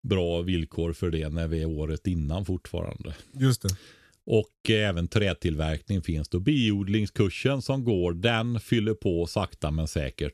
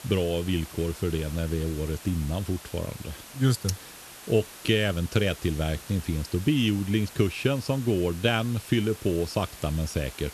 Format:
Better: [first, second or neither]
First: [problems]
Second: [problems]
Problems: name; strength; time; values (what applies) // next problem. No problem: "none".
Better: first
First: none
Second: hiss; noticeable; throughout; 15 dB below the speech